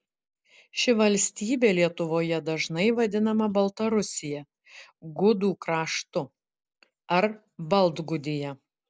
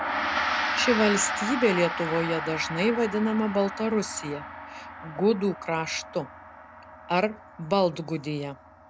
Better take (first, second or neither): first